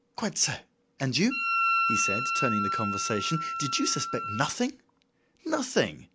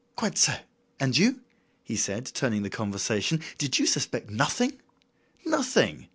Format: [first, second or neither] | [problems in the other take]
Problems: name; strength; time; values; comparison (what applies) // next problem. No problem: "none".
second | background sound (Wind instrument, woodwind instrument); 1 dB above the speech